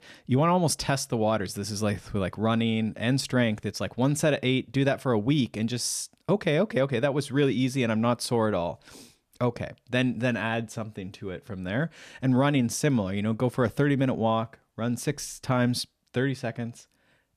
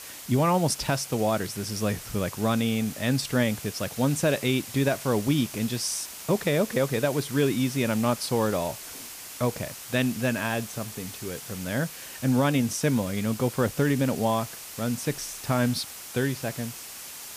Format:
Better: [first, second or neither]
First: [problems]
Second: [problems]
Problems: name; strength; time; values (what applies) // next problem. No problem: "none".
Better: first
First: none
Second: hiss; noticeable; throughout; 10 dB below the speech